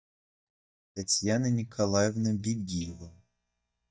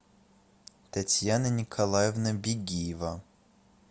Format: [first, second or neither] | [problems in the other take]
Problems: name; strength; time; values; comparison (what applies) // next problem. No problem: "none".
second | noise reduction (neural mask model DeepFilterNet 3)